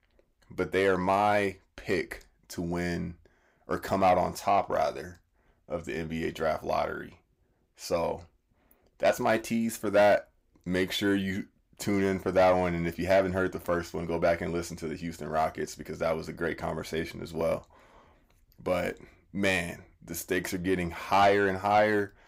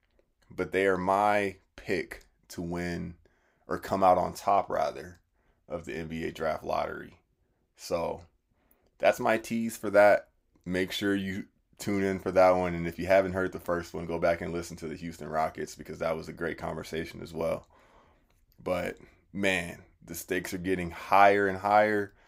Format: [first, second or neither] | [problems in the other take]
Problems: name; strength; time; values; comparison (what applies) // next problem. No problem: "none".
second | distortion; slight; 10 dB below the speech